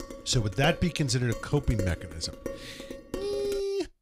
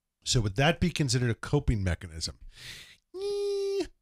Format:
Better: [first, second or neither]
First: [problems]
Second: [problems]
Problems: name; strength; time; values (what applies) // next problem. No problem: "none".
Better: second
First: clattering dishes; noticeable; peak 8 dB below the speech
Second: none